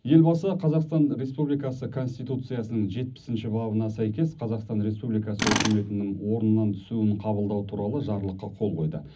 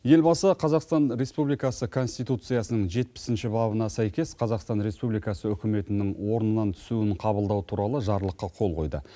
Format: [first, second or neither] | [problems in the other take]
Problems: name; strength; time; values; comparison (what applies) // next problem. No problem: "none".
second | background sound (Tools); 8 dB below the speech // room echo; dies away in 0.4 s